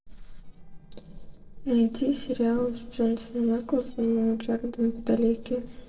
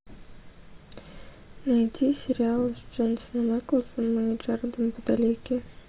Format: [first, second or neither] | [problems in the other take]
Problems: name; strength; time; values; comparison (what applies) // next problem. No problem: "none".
second | noise reduction (neural separator model SepFormer DNS4)